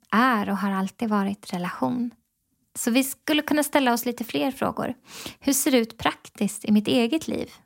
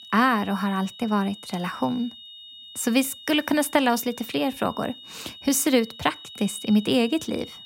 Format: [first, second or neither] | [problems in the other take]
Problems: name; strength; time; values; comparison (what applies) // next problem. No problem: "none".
first | high-pitched whine; noticeable; throughout; 3.5 kHz, 15 dB below the speech